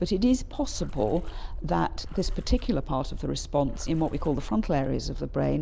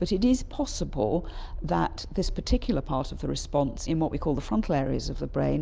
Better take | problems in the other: second | background sound (Water / Splash, splatter); 9 dB below the speech

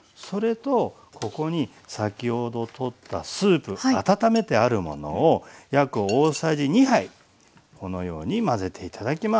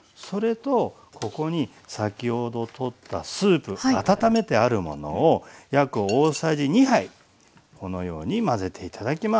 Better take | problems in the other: first | background sound (Growling); 19 dB below the speech

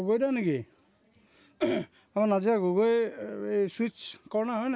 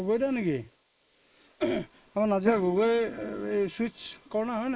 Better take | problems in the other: first | noise reduction (neural mask model Resemble Enhance denoiser)

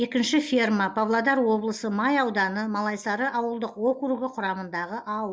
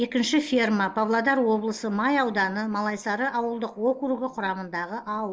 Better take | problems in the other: first | noise reduction (neural separator model SepFormer DNS4)

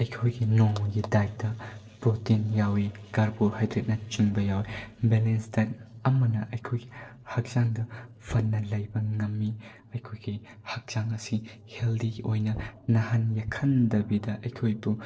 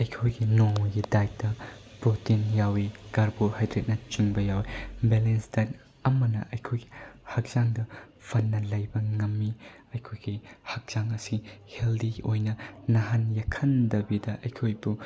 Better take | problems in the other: second | noise reduction (neural separator model SepFormer DNS4)

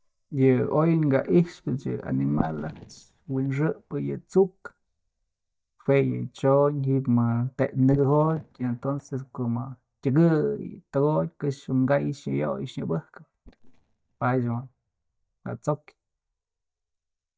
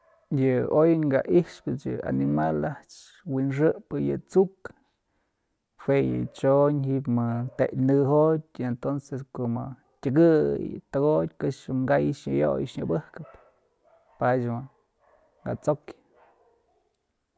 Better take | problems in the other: second | noise reduction (neural mask model DeepFilterNet 3)

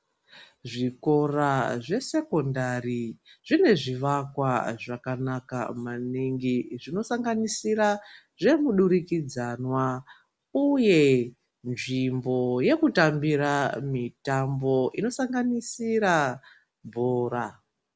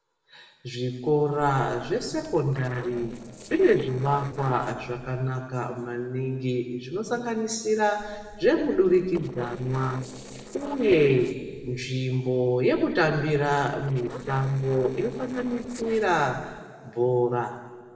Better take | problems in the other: first | noise reduction (neural separator model SepFormer DNS4)

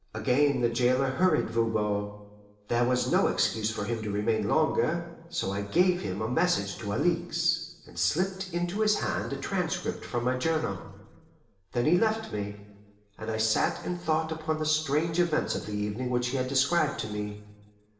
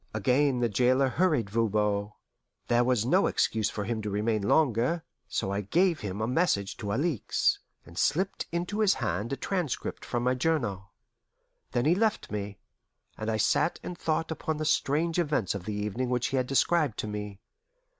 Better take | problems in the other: second | room echo; dies away in 1.1 s

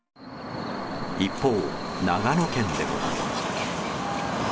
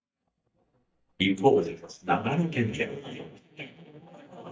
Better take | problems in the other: first | noise reduction (neural mask model DeepFilterNet 3)

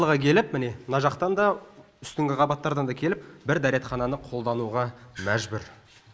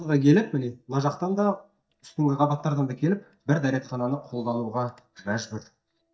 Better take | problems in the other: first | noise reduction (neural mask model DeepFilterNet 3)

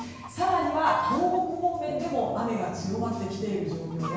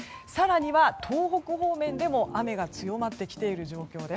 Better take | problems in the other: second | background sound (Chicken, rooster); 11 dB below the speech // room echo; dies away in 1 s

